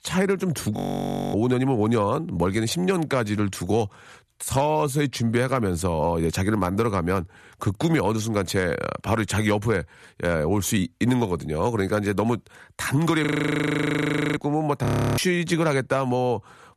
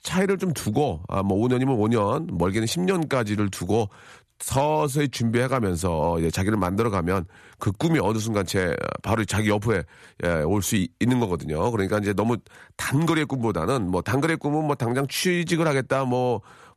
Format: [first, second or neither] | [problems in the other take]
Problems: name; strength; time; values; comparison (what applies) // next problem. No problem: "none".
second | audio freezing; at 1 s for 0.5 s, at 13 s for 1 s and at 15 s